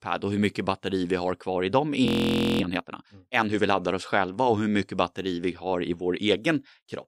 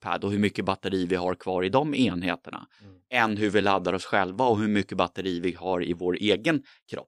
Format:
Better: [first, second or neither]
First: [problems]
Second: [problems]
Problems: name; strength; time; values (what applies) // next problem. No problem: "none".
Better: second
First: audio freezing; at 2 s for 0.5 s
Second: none